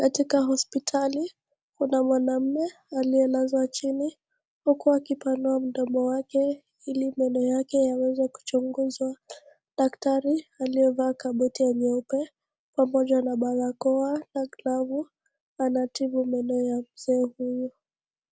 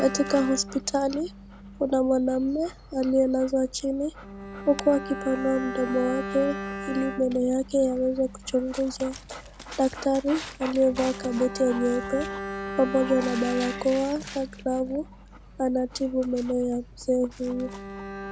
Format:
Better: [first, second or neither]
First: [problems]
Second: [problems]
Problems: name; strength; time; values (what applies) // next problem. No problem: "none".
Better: first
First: none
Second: background sound (Bowed string instrument + Dog); 11 dB below the speech